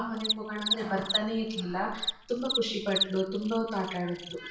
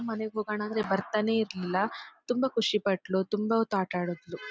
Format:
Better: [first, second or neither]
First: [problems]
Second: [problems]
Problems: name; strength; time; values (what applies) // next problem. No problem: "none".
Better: second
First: background sound (Cricket); 4 dB below the speech // room echo; dies away in 0.6 s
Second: none